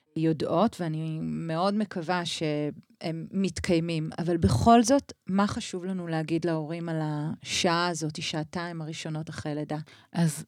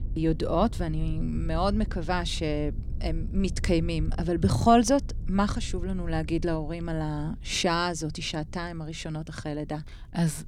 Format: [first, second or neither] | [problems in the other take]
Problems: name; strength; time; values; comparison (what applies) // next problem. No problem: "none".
first | low rumble; faint; throughout; 25 dB below the speech